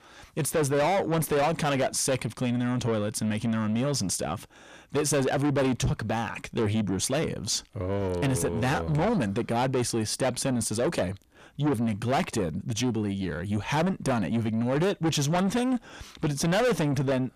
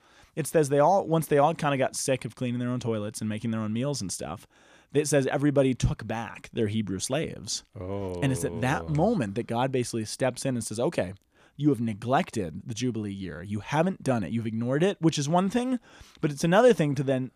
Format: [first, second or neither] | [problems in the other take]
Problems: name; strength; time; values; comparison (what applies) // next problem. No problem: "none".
second | distortion; heavy; 6 dB below the speech